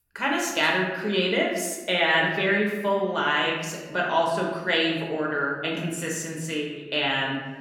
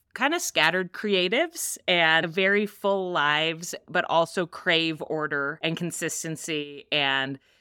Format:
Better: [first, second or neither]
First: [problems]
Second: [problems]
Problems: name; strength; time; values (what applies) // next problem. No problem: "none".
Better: second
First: room echo; noticeable; dies away in 1 s // off-mic speech; far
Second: none